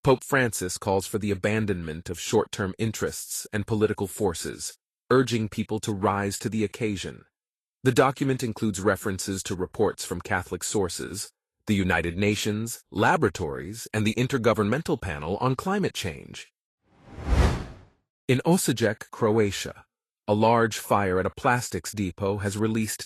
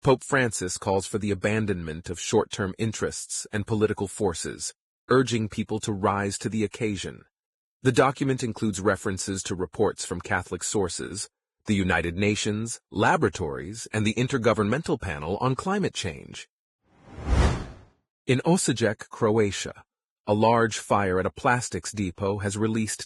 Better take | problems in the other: first | garbled, watery; badly; nothing above 10.5 kHz; slightly in the first

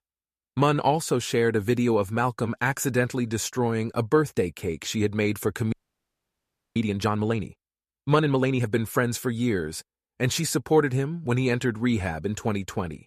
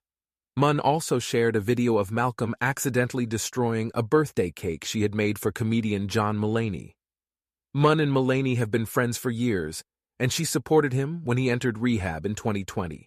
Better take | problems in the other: second | audio freezing; at 5.5 s for 1 s

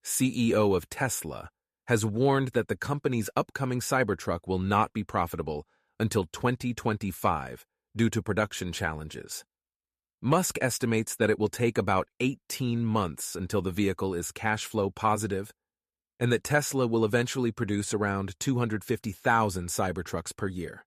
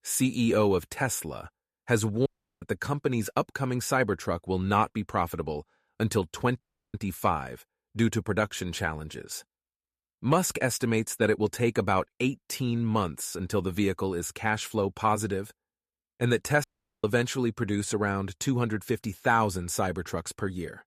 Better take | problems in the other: first | audio cutting out; at 2.5 s, at 6.5 s and at 17 s

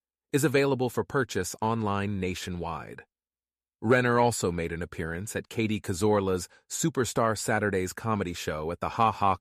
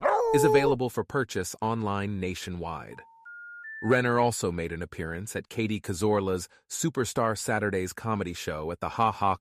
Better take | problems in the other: first | dog barking; loud; at the start; peak 5 dB above the speech // phone ringing; noticeable; from 3 to 4 s; peak 10 dB below the speech

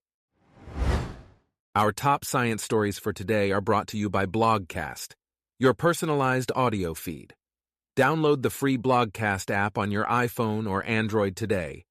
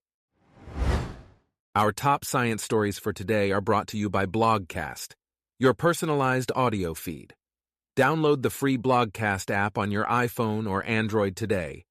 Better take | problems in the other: neither | none

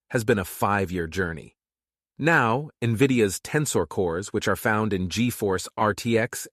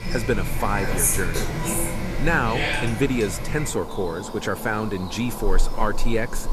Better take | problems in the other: first | animal sounds; loud; throughout; 1 dB below the speech

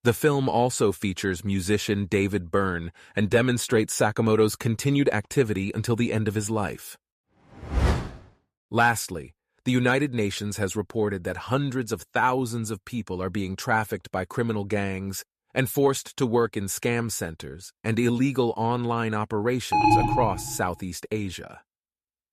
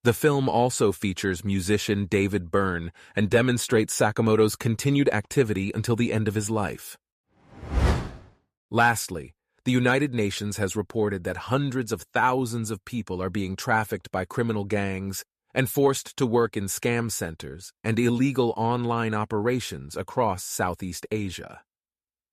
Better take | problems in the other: second | alarm; loud; at 20 s; peak 6 dB above the speech

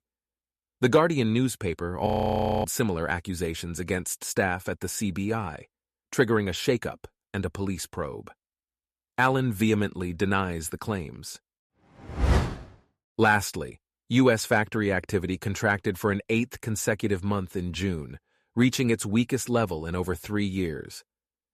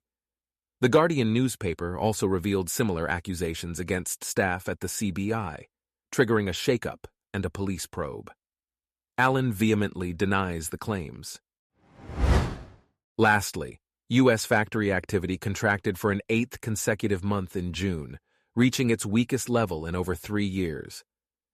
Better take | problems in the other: second | audio freezing; at 2 s for 0.5 s

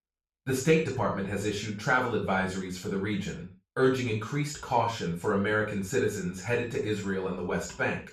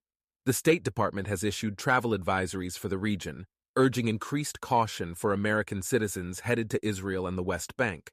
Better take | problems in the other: second | room echo; noticeable; dies away in 0.3 s // off-mic speech; far

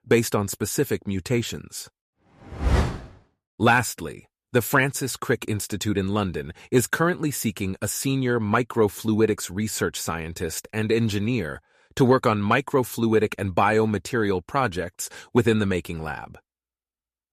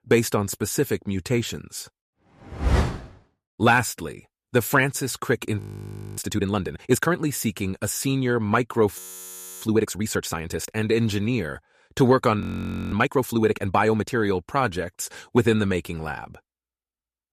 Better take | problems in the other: first | audio freezing; at 5.5 s for 0.5 s, at 9 s for 0.5 s and at 12 s for 0.5 s

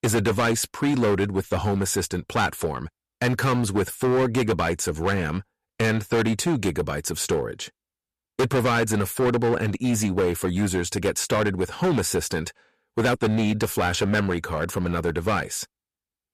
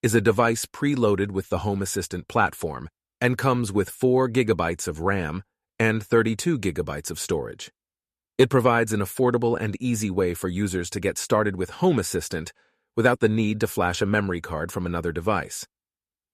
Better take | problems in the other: second | distortion; heavy; 13% of the sound clipped

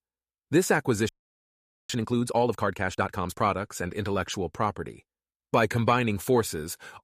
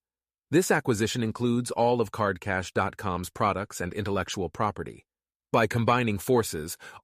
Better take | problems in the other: second | audio freezing; at 1 s for 1 s

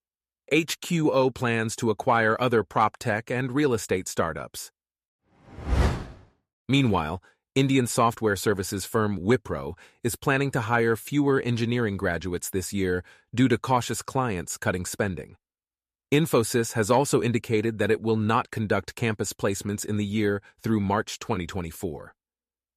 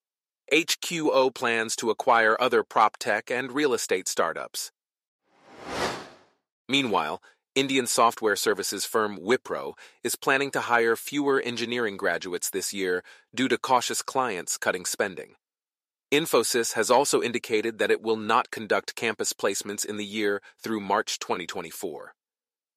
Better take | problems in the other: first | thin; somewhat; fading below 400 Hz

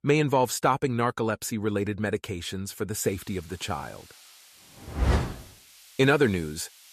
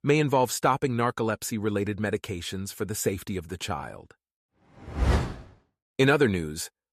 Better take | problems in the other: second | hiss; faint; from 3 s on; 25 dB below the speech

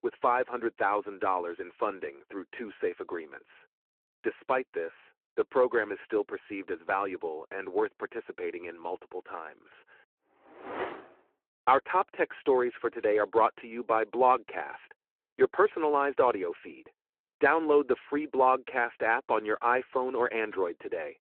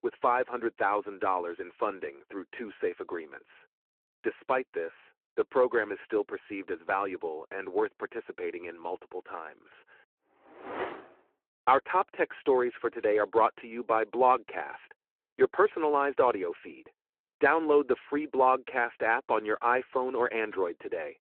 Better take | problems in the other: neither | phone-call audio; the same in both

